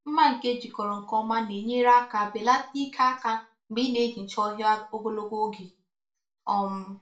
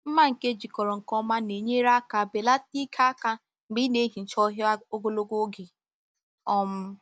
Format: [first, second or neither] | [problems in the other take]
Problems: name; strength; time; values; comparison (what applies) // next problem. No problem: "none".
second | room echo; dies away in 0.3 s